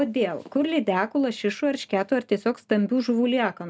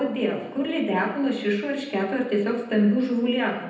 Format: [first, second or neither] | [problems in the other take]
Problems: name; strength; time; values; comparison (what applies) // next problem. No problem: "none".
first | room echo; dies away in 0.9 s